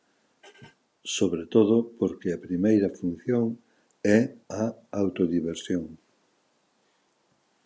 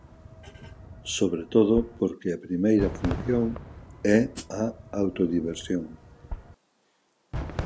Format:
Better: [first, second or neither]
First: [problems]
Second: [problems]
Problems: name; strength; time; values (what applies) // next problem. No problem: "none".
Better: first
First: none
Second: background sound (Hi-hat + Fireworks); 11 dB below the speech